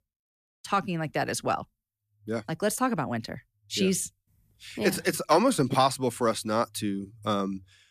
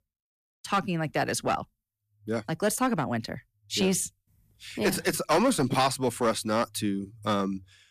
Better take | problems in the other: first | distortion; slight; 4% of the sound clipped

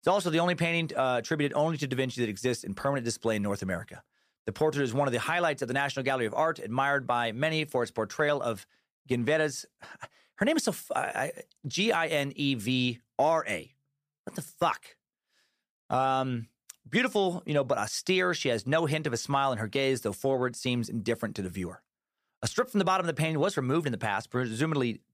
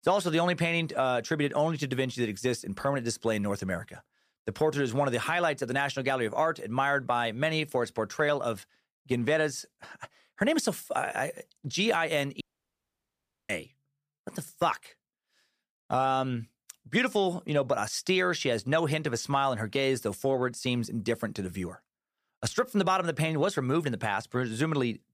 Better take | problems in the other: first | audio cutting out; at 12 s for 1 s

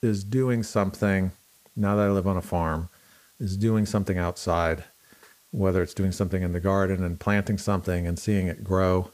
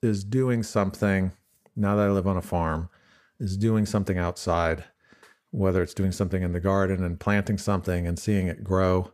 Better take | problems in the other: second | hiss; faint; throughout; 30 dB below the speech

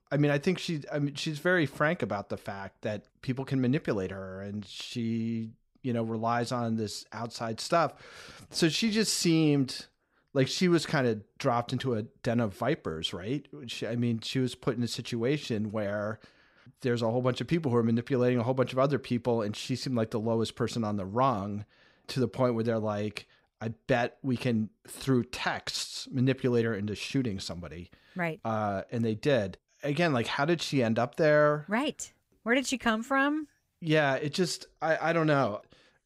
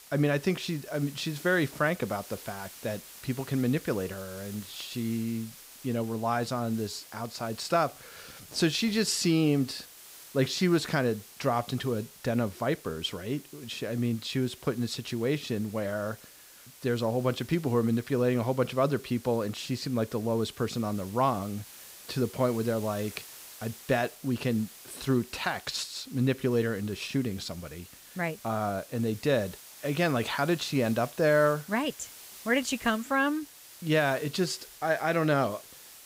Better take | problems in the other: first | hiss; noticeable; throughout; 15 dB below the speech

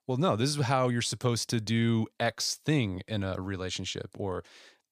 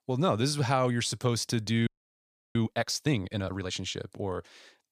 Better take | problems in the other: first | audio freezing; at 2 s for 0.5 s

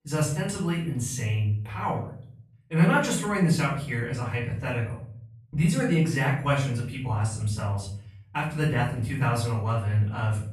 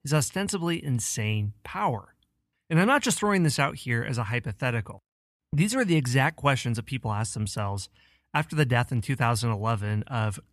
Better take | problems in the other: second | off-mic speech; far // room echo; noticeable; dies away in 0.5 s

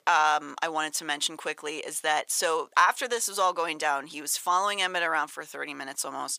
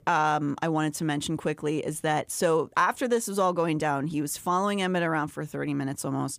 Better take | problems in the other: second | thin; very; fading below 750 Hz

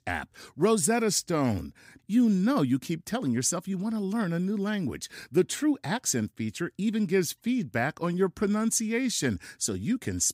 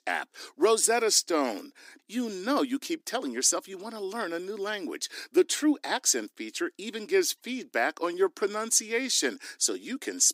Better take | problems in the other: first | thin; somewhat; fading below 300 Hz

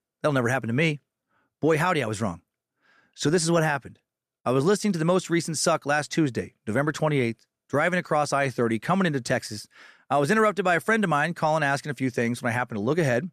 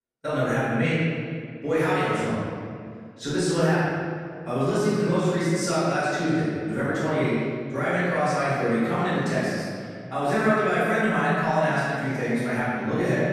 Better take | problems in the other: first | room echo; strong; dies away in 2 s // off-mic speech; far

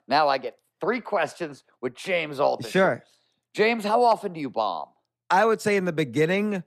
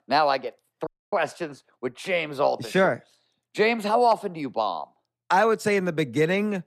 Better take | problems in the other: first | audio cutting out; at 1 s

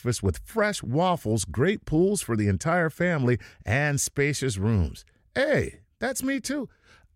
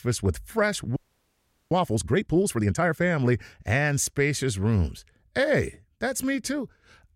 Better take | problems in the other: first | audio freezing; at 1 s for 1 s

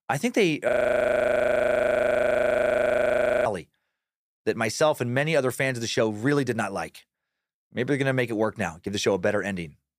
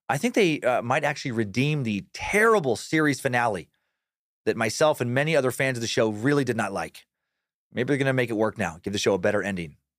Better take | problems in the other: second | audio freezing; at 0.5 s for 3 s

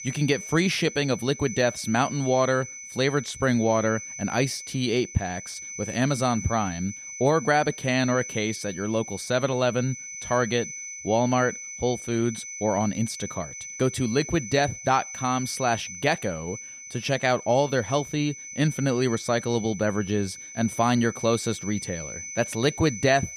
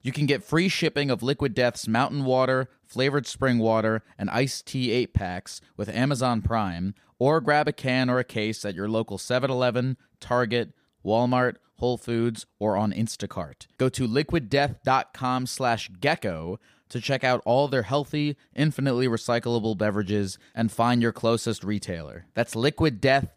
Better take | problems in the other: second | high-pitched whine; noticeable; throughout; 6 kHz, 10 dB below the speech

